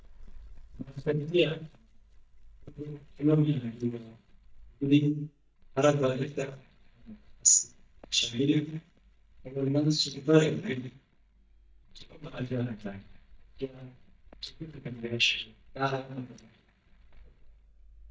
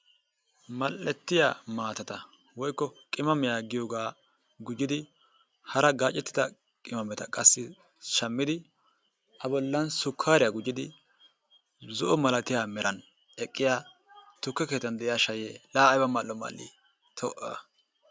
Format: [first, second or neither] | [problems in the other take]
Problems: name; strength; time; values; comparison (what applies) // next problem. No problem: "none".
second | noise reduction (neural mask model DeepFilterNet 3)